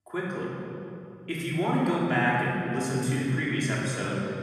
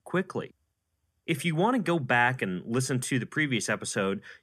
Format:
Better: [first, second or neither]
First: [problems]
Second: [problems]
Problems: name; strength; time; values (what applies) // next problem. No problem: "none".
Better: second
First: off-mic speech; far // room echo; strong; dies away in 3 s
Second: none